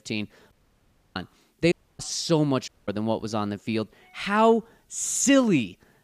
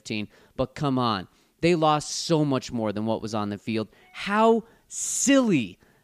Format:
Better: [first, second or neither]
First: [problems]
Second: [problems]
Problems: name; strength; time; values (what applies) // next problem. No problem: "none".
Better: second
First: audio cutting out; at 0.5 s for 0.5 s, at 1.5 s and at 2.5 s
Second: none